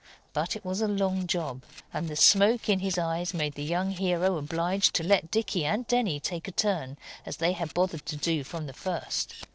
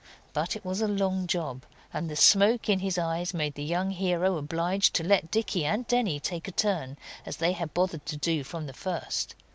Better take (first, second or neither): second